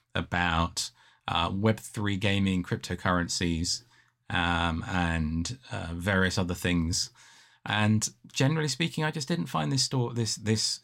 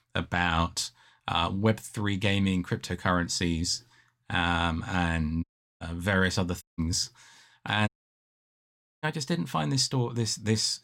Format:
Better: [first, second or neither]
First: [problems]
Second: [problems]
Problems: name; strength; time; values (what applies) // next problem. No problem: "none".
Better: first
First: none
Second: audio cutting out; at 5.5 s, at 6.5 s and at 8 s for 1 s